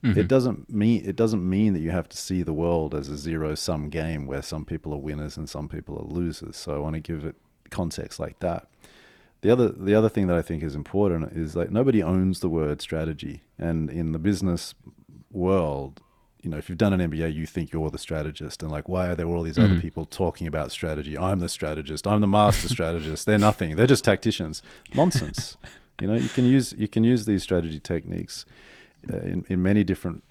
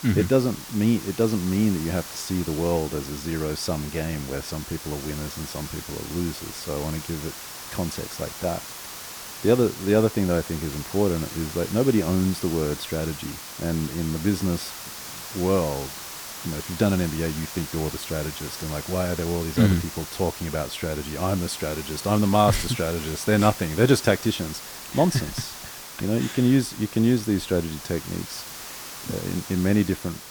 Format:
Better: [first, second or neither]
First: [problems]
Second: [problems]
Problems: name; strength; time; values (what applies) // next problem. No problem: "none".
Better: first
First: none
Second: hiss; loud; throughout; 10 dB below the speech